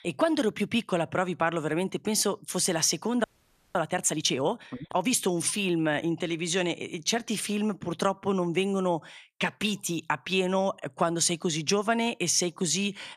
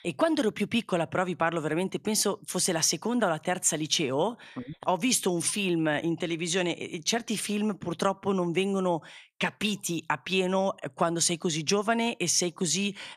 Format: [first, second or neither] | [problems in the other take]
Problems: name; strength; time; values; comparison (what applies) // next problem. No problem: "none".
second | audio freezing; at 3 s for 0.5 s